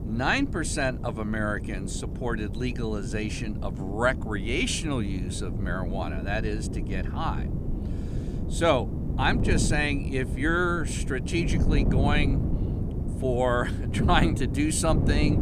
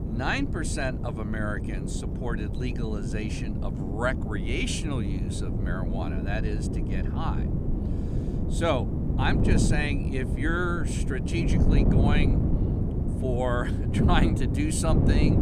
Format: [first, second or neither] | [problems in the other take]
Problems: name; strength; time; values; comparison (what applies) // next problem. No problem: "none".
first | wind noise on the microphone; heavy; 4 dB below the speech; occasional gusts in the first